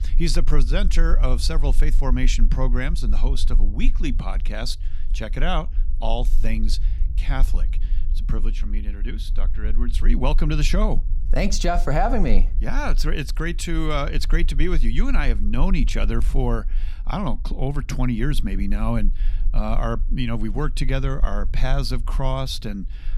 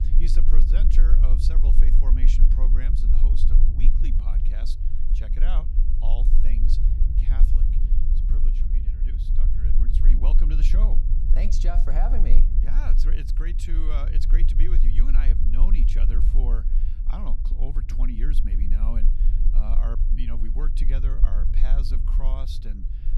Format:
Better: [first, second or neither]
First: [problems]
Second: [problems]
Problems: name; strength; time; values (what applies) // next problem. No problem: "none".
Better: first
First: low rumble; faint; throughout; 20 dB below the speech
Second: low rumble; loud; throughout; 4 dB below the speech